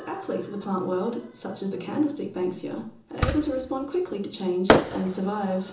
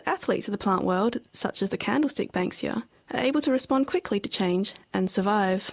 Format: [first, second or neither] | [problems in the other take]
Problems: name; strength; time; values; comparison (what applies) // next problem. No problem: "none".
second | background sound (Fireworks); 2 dB below the speech // room echo; dies away in 0.6 s